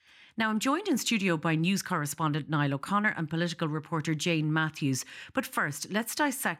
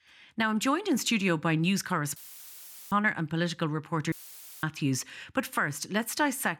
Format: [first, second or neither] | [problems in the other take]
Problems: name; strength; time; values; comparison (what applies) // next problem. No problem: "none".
first | audio cutting out; filled with static; at 2 s for 1 s and at 4 s for 0.5 s